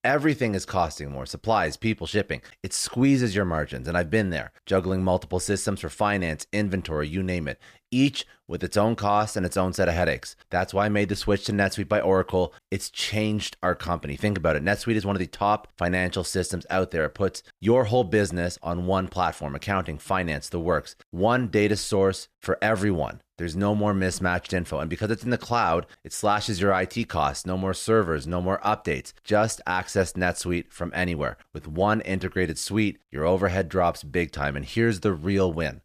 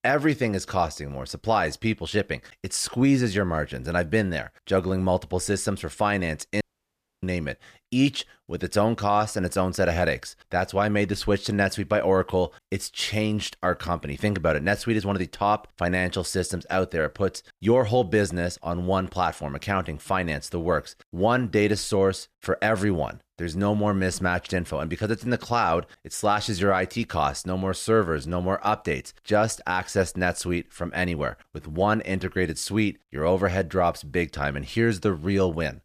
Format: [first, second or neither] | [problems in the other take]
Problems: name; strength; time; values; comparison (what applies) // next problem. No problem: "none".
first | audio cutting out; at 6.5 s for 0.5 s